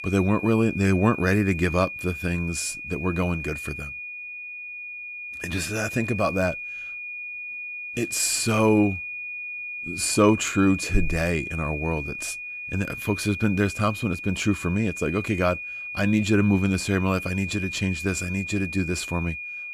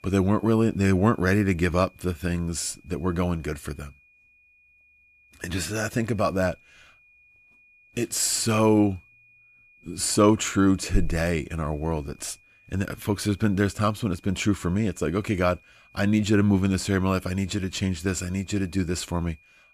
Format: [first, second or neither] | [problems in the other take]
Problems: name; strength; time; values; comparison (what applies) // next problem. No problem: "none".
second | high-pitched whine; loud; throughout; 2.5 kHz, 8 dB below the speech; faint in the second